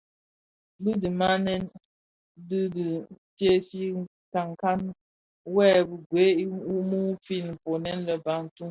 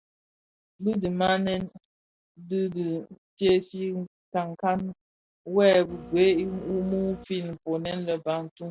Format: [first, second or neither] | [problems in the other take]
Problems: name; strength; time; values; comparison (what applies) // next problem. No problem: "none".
first | background sound (Printer); 16 dB below the speech